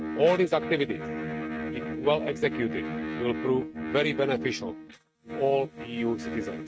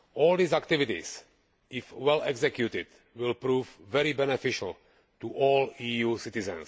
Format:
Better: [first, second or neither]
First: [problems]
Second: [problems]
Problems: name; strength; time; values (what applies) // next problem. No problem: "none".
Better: second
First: noise reduction (neural mask model RNNoise)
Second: none